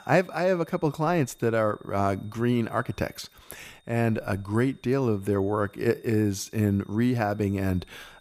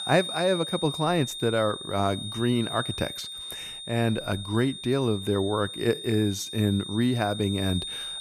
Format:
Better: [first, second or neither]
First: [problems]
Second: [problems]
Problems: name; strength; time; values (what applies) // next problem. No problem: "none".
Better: first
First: high-pitched whine; faint; throughout; 3.5 kHz, 35 dB below the speech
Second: high-pitched whine; loud; throughout; 3.5 kHz, 8 dB below the speech